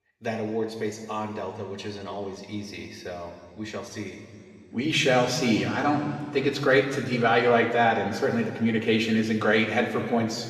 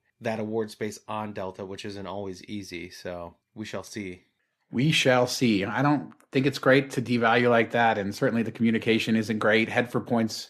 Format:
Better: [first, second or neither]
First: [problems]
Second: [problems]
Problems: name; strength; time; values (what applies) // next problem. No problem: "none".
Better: second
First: room echo; noticeable; dies away in 2.1 s // off-mic speech; far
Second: none